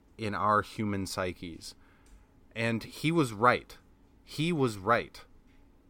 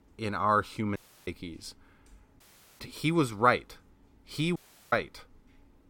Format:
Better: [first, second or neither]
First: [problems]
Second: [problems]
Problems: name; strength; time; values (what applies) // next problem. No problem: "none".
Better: first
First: none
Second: audio cutting out; at 1 s, at 2.5 s and at 4.5 s